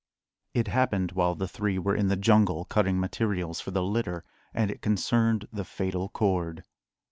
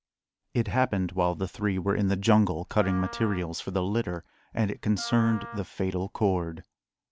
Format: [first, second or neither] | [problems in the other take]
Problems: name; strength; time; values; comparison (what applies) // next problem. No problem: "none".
first | background sound (Wind instrument, woodwind instrument); 16 dB below the speech